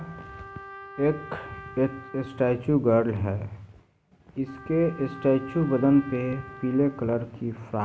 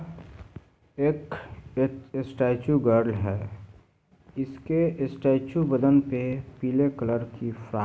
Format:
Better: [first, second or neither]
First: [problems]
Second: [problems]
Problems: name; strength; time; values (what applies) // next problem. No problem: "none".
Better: second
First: background sound (Trumpet); 18 dB below the speech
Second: none